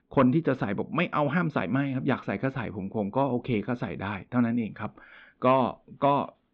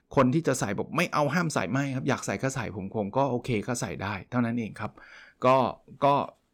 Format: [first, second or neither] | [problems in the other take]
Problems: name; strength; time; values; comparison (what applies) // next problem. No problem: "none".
second | muffled; very; fading above 3.5 kHz